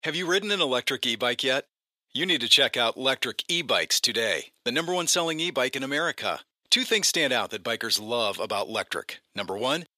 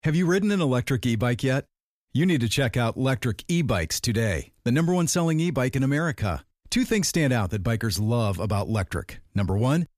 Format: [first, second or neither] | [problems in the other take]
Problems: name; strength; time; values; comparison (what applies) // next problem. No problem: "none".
second | thin; very; fading below 500 Hz